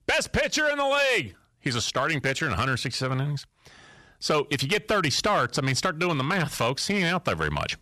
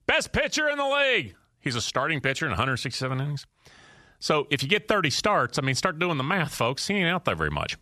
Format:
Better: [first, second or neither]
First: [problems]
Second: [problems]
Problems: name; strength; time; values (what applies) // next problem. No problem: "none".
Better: second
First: distortion; slight; 4% of the sound clipped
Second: none